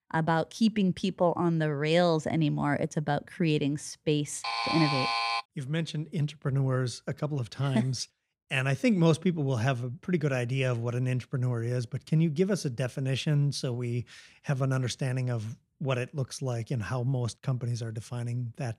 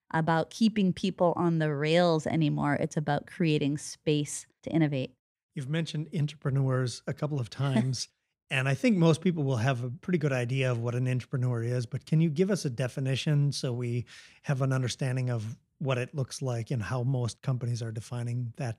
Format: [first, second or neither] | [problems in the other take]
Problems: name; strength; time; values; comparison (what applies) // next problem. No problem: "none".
second | alarm; loud; at 4.5 s; peak 2 dB above the speech